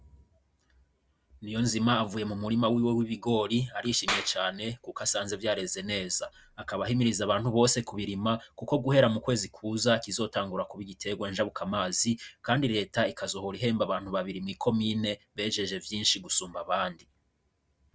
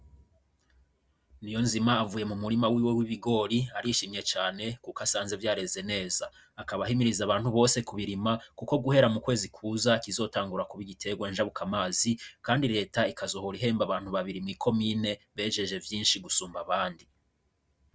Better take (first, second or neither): second